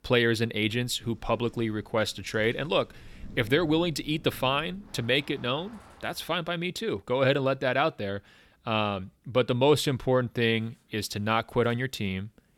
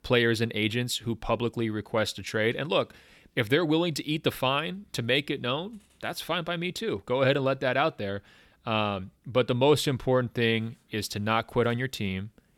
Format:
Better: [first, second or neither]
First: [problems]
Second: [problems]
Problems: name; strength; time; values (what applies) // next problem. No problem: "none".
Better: second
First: rain or running water; faint; until 6 s; 25 dB below the speech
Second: none